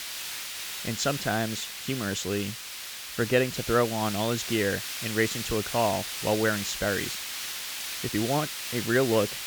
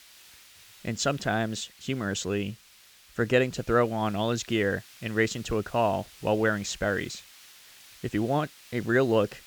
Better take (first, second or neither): second